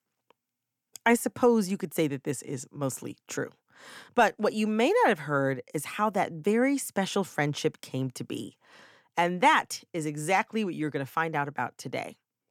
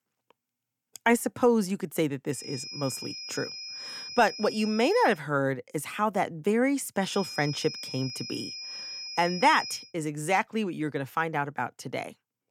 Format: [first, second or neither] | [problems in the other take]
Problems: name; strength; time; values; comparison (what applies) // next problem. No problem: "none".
first | high-pitched whine; loud; from 2.5 to 5 s and from 7 to 10 s; 5 kHz, 9 dB below the speech